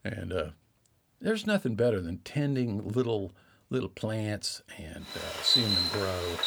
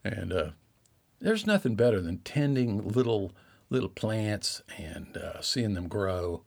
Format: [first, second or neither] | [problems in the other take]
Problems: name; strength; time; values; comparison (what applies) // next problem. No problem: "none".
second | animal sounds; very loud; from 5 s on; 5 dB above the speech